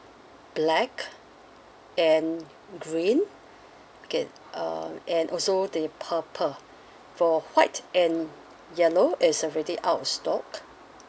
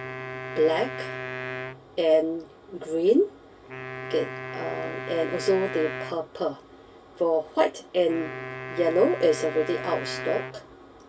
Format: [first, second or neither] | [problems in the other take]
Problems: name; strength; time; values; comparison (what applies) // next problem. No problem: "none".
first | background sound (Wind instrument, woodwind instrument); 10 dB below the speech // room echo; dies away in 0.1 s